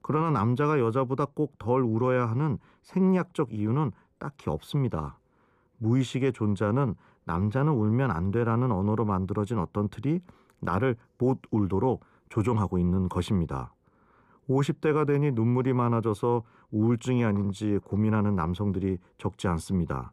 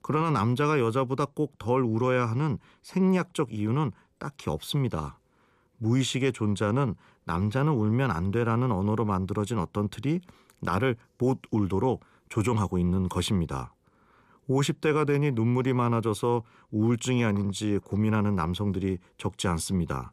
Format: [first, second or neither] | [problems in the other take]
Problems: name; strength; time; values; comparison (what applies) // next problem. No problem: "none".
second | muffled; slightly; fading above 2 kHz